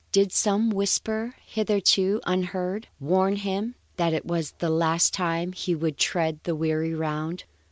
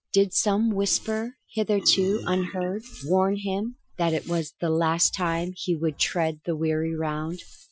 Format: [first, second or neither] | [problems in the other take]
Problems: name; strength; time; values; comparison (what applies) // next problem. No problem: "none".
first | noise reduction (classical method Wiener filter)